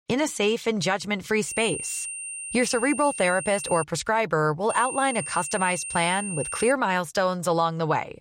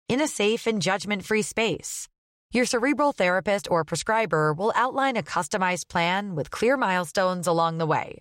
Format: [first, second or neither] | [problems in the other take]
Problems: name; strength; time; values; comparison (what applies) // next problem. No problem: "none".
second | high-pitched whine; loud; from 1.5 to 4 s and from 4.5 to 6.5 s; 9 kHz, 7 dB below the speech